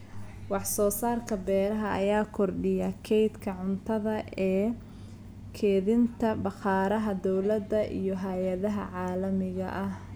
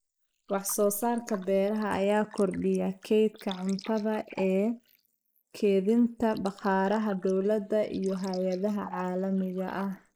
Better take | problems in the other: first | noise reduction (neural mask model Resemble Enhance denoiser)

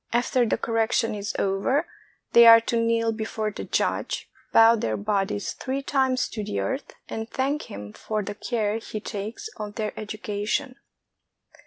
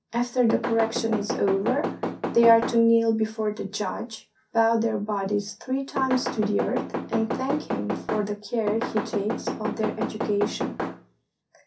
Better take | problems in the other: first | background sound (Knock / Wood); 5 dB below the speech // room echo; dies away in 0.3 s

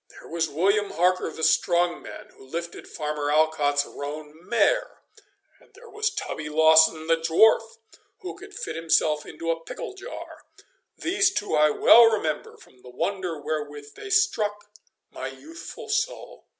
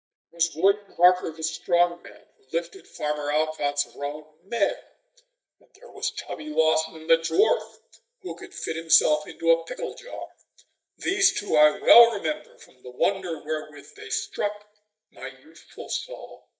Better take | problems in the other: first | noise reduction (neural mask model DeepFilterNet 3)

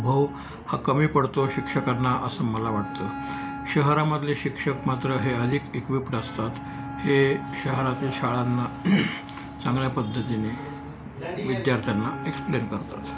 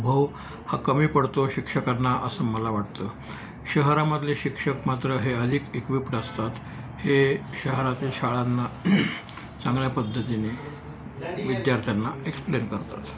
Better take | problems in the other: second | background sound (Wind instrument, woodwind instrument); 12 dB below the speech

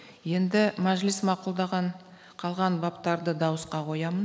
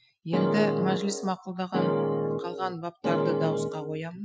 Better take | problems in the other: first | noise reduction (classical method Wiener filter)

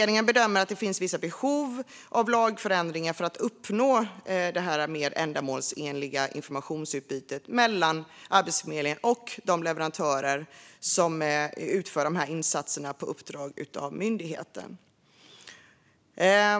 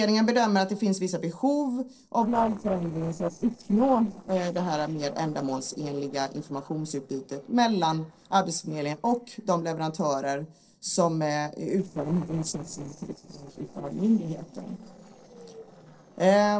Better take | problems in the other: first | noise reduction (neural separator model SepFormer DNS4)

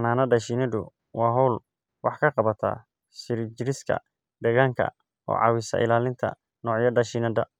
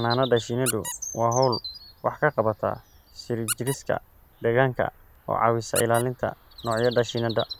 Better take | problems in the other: first | background sound (Bird vocalization, bird call, bird song + Squeak); 12 dB below the speech

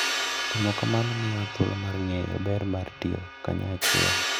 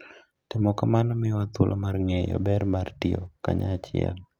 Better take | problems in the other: second | background sound (Crash cymbal); 2 dB below the speech

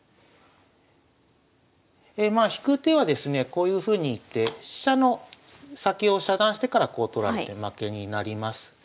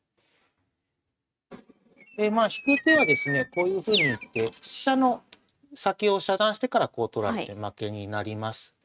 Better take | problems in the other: first | noise reduction (neural mask model RNNoise)

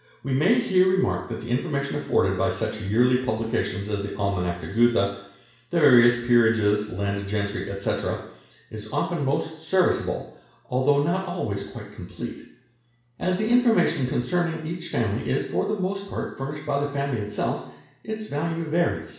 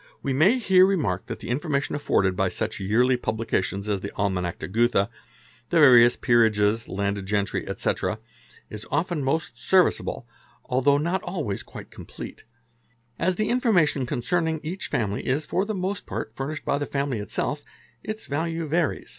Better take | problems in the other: second | room echo; dies away in 0.7 s

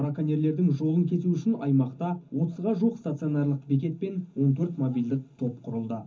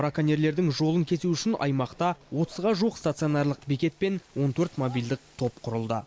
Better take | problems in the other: second | room echo; dies away in 0.3 s

